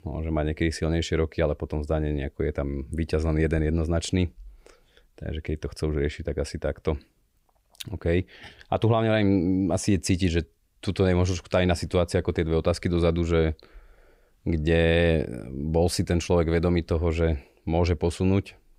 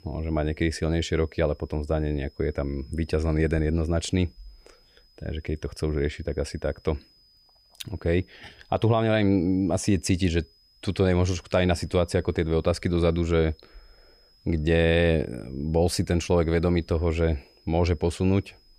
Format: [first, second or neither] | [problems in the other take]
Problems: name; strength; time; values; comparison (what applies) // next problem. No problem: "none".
first | high-pitched whine; faint; throughout; 5 kHz, 30 dB below the speech